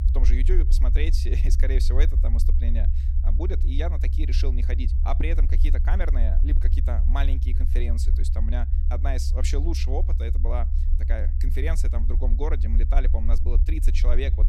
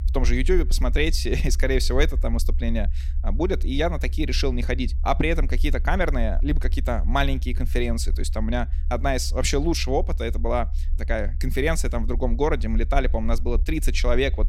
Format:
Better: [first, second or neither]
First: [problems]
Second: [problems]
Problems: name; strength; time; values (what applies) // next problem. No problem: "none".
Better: second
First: low rumble; loud; throughout; 8 dB below the speech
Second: low rumble; faint; throughout; 20 dB below the speech